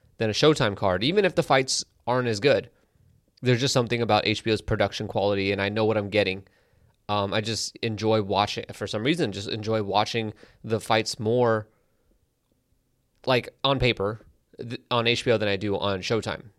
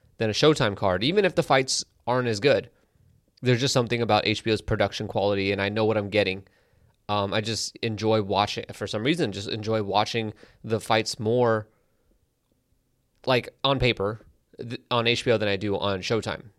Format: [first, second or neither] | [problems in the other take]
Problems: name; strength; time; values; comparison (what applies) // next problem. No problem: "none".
neither | none